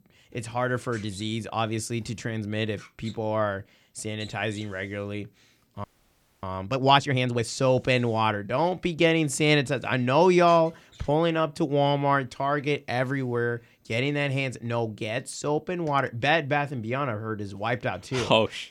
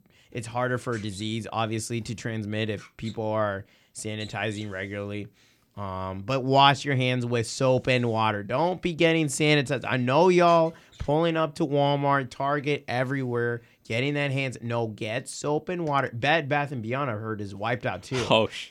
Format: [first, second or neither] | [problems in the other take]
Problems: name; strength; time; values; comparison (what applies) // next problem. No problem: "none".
second | audio freezing; at 6 s for 0.5 s